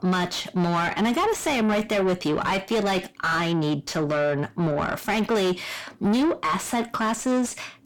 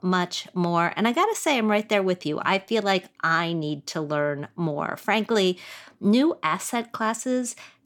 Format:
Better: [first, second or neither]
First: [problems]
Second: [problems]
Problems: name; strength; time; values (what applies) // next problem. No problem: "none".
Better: second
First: distortion; heavy; 6 dB below the speech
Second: none